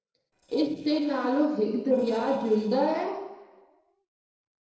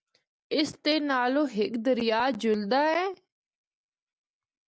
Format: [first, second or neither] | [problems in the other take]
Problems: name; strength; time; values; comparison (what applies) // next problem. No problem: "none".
second | noise reduction (neural separator model SepFormer DNS4)